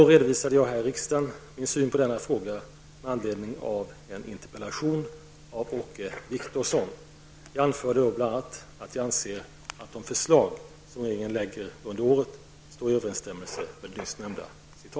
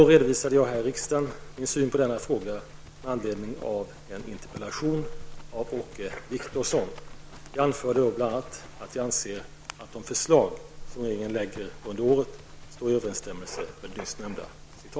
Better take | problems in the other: first | background sound (Livestock, farm animals, working animals); 15 dB below the speech

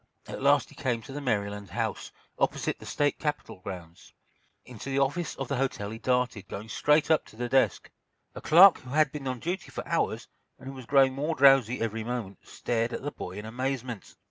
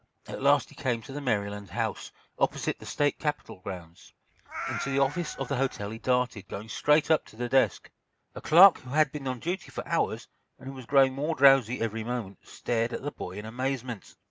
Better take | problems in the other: first | background sound (Meow); 11 dB below the speech

